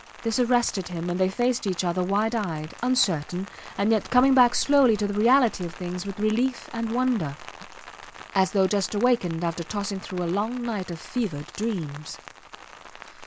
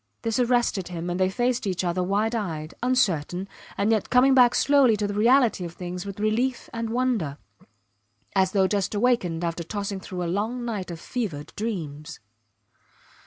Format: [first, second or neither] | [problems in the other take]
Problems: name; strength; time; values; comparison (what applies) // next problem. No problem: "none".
second | background sound (Rain); 17 dB below the speech